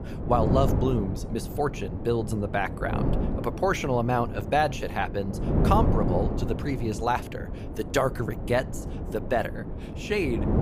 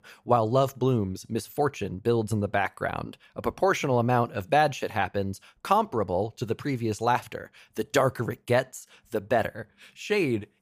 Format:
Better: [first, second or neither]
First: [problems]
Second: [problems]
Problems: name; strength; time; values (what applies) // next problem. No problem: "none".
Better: second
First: wind noise on the microphone; heavy; 9 dB below the speech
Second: none